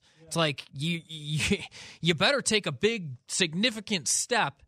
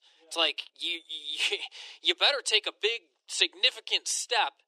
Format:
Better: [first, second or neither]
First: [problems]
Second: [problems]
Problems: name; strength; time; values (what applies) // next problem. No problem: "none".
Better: first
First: none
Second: thin; very; fading below 350 Hz